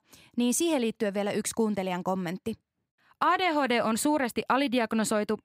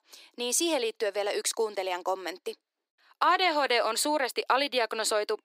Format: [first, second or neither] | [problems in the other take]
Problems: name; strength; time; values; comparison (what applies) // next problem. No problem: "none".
first | thin; very; fading below 350 Hz